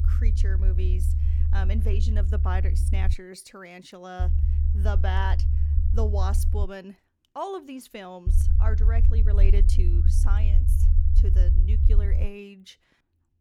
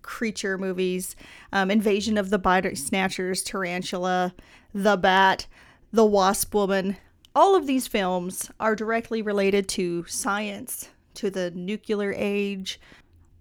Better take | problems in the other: second | low rumble; loud; until 3 s, from 4 to 6.5 s and from 8.5 to 12 s; 6 dB below the speech

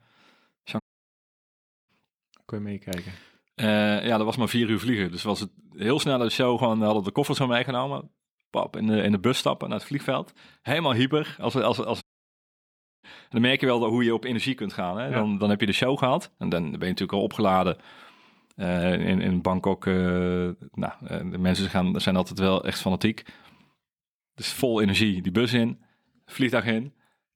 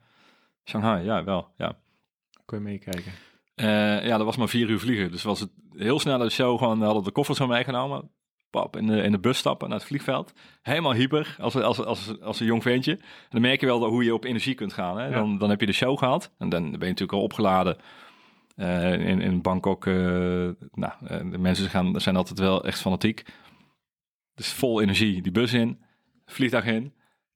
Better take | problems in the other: second | audio cutting out; at 1 s for 1 s and at 12 s for 1 s

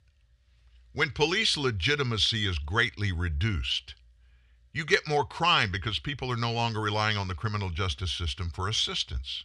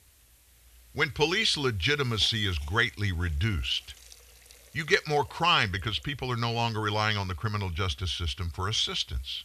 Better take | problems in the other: first | hiss; faint; throughout; 25 dB below the speech

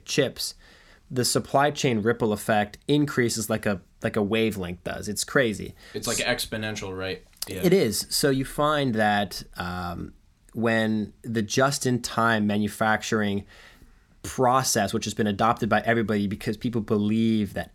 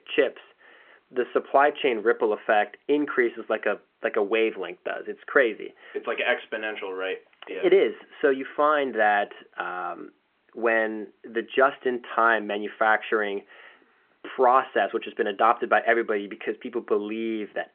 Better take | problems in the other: first | phone-call audio

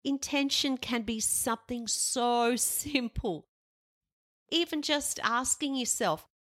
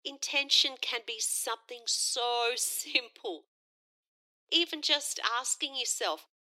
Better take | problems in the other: first | thin; very; fading below 300 Hz

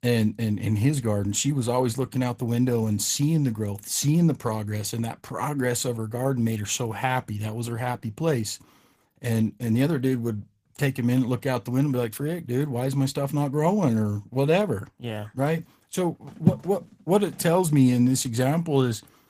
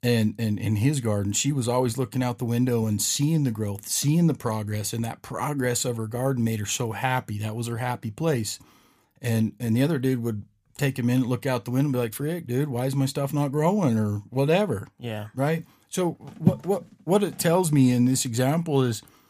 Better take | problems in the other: second | garbled, watery; slightly; nothing above 15 kHz

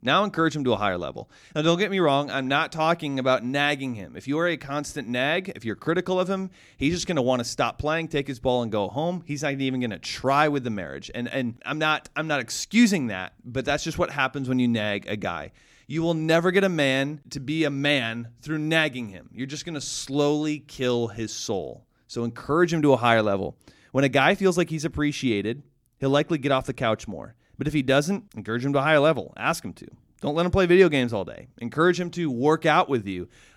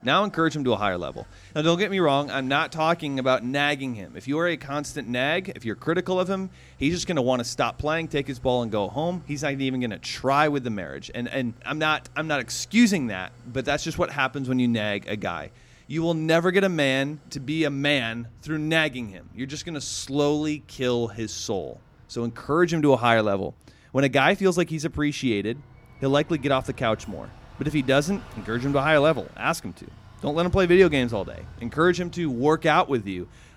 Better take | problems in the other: first | traffic noise; faint; throughout; 25 dB below the speech

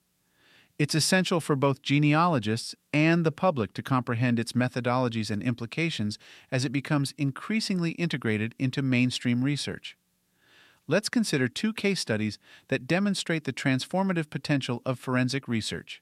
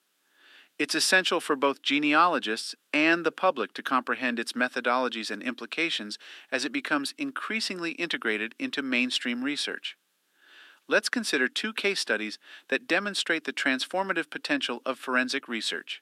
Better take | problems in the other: first | thin; somewhat; fading below 250 Hz

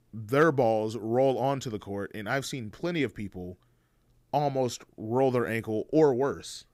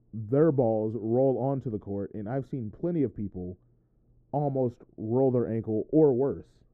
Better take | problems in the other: first | muffled; very; fading above 1.5 kHz

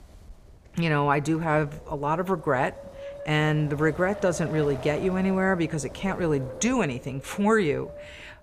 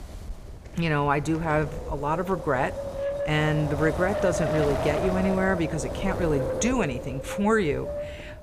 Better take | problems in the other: first | wind noise on the microphone; heavy; 4 dB below the speech; occasional gusts in the first

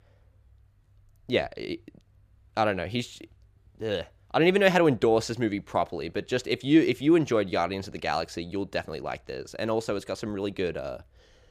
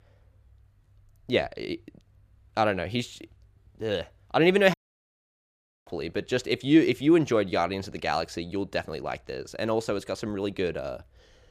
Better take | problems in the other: first | audio cutting out; at 4.5 s for 1 s

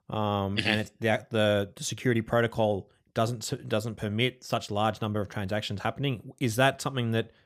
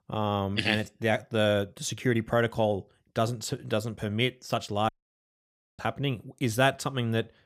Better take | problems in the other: first | audio cutting out; at 5 s for 1 s

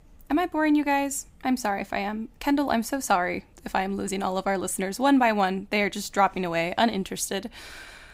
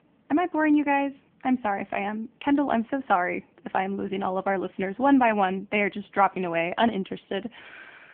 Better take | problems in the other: first | phone-call audio

